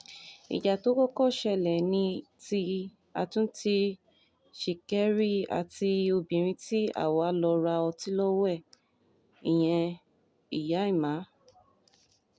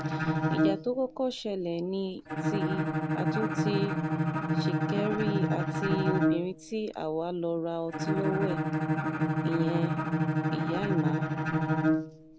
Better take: first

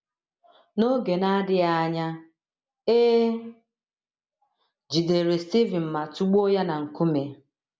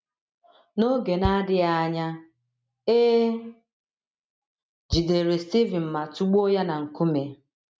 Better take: first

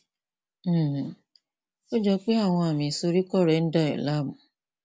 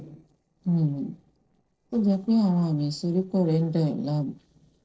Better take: first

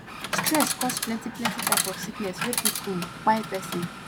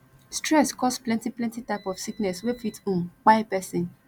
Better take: second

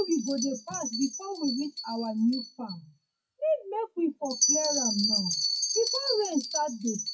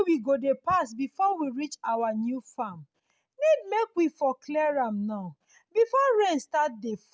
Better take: second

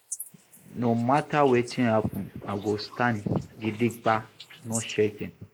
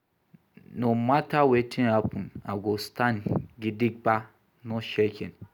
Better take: second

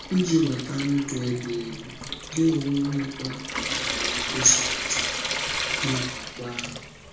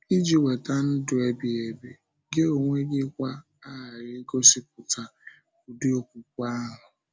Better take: second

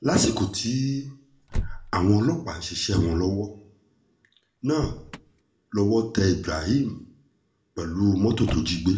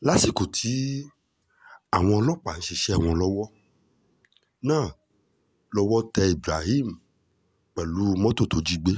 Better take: second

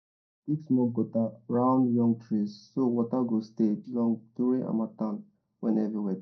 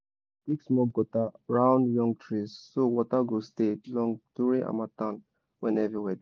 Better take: second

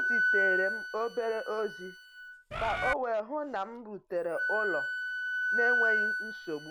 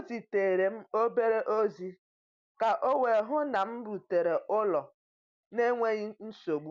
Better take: second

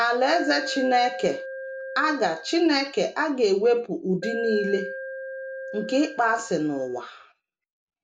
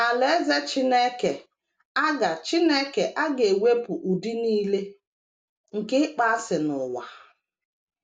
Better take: second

